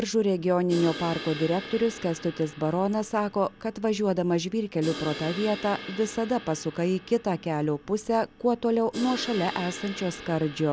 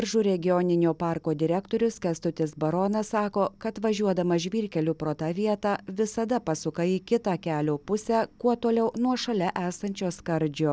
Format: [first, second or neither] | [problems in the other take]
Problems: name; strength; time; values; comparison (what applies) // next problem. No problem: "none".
second | background sound (Crash cymbal); 14 dB below the speech